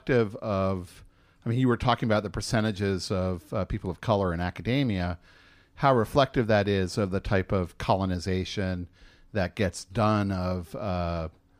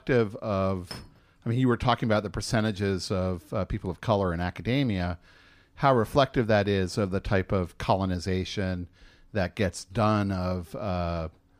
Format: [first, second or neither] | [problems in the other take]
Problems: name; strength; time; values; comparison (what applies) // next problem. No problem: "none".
first | clattering dishes; faint; at 1 s; peak 15 dB below the speech